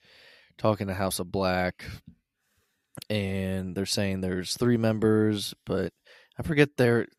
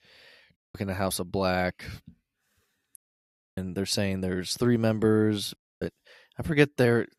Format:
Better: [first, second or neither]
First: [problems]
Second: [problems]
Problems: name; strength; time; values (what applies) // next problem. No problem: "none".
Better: first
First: none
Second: audio cutting out; at 0.5 s, at 3 s for 0.5 s and at 5.5 s